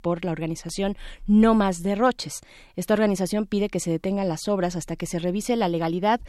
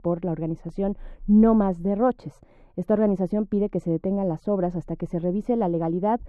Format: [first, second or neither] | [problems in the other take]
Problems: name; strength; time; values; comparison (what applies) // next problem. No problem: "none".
first | muffled; very; fading above 2 kHz